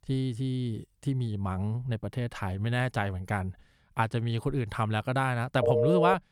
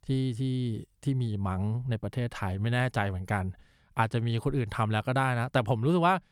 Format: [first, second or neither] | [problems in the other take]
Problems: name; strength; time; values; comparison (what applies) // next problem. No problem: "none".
second | phone ringing; loud; at 5.5 s; peak 5 dB above the speech